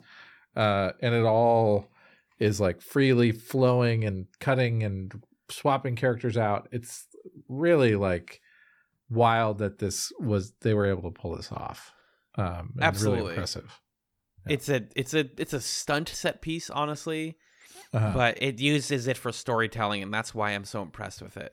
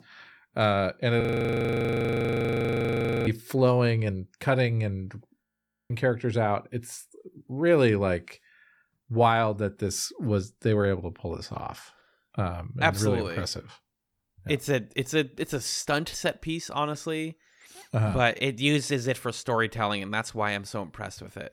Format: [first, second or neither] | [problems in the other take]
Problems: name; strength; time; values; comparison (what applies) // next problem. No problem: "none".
first | audio freezing; at 1 s for 2 s and at 5.5 s